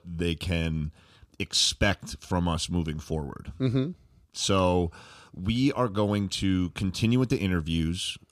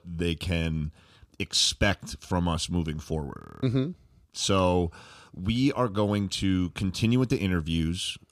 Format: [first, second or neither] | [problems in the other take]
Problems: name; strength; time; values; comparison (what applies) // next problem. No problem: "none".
first | audio freezing; at 3.5 s